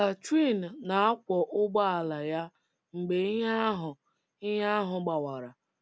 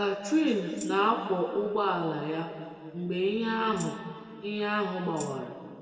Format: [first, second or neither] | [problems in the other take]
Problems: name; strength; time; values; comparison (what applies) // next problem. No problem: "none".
first | background sound (Tambourine); 18 dB below the speech // room echo; dies away in 2.2 s